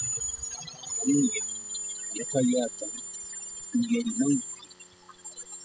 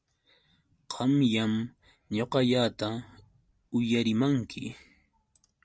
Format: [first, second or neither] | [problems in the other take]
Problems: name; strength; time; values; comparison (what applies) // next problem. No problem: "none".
second | noise reduction (classical method spectral subtraction)